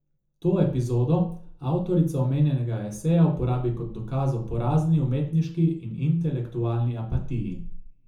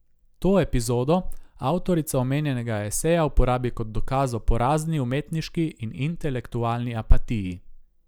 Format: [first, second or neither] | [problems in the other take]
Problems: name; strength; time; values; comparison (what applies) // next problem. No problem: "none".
second | room echo; dies away in 0.6 s